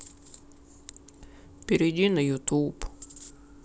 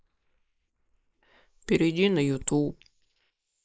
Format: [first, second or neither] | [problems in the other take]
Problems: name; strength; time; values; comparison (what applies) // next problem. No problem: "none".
first | noise reduction (neural mask model Resemble Enhance denoiser)